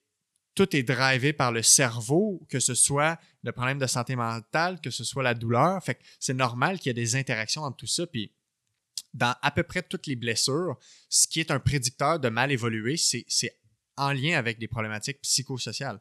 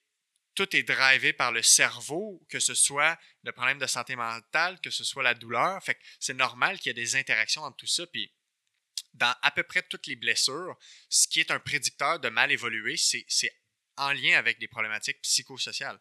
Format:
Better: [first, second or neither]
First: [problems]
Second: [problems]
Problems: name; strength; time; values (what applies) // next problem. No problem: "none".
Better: first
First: none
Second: thin; very; fading below 800 Hz